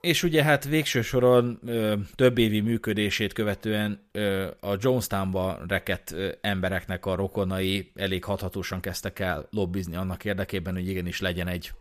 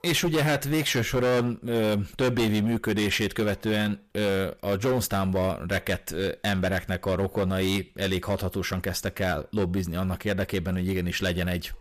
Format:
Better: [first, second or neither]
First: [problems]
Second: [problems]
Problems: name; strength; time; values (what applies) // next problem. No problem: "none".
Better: first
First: none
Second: distortion; heavy; 13% of the sound clipped